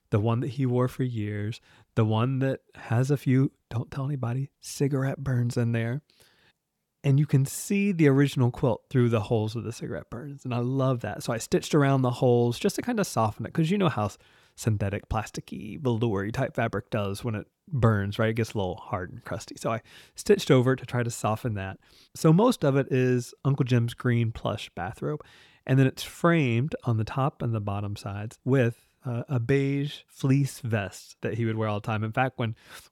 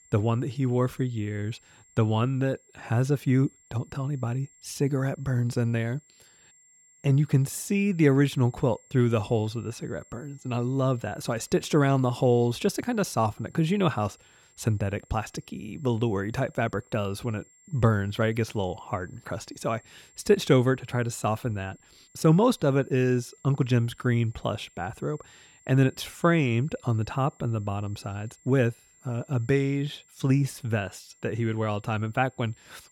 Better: first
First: none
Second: high-pitched whine; faint; throughout; 7.5 kHz, 30 dB below the speech

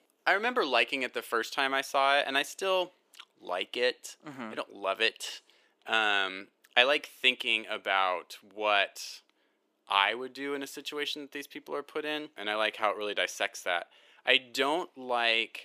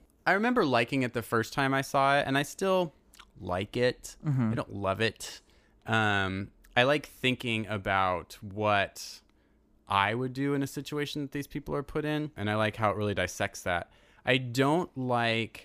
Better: second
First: thin; somewhat; fading below 350 Hz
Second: none

